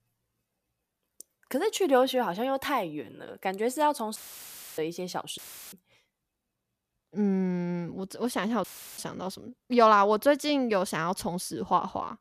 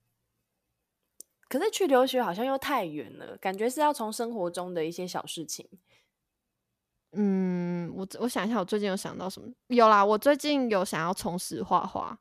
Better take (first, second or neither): second